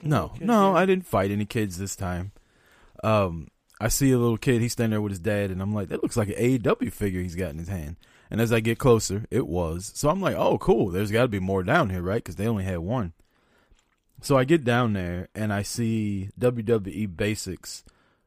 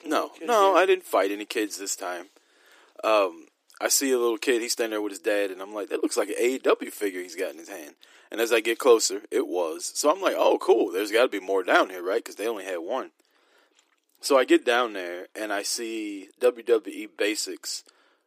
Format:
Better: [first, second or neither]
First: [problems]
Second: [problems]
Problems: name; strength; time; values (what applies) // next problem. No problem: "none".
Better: first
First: none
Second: thin; very; fading below 300 Hz